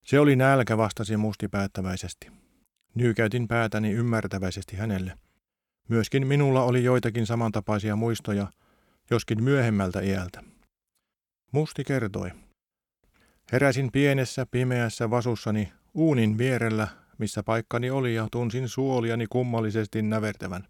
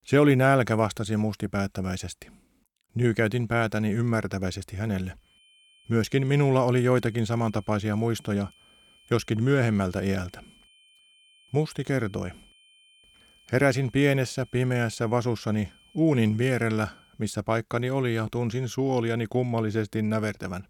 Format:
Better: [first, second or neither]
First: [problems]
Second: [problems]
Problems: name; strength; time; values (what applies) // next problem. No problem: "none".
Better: first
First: none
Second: high-pitched whine; faint; from 5.5 to 17 s; 3 kHz, 30 dB below the speech